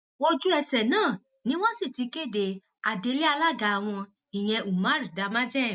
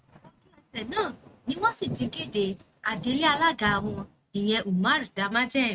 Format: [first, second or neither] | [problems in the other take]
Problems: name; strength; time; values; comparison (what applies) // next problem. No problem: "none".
first | noise reduction (neural mask model RNNoise)